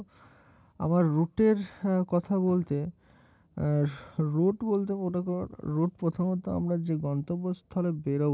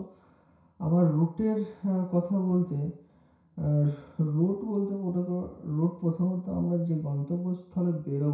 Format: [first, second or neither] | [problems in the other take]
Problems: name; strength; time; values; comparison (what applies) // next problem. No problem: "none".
first | room echo; dies away in 0.6 s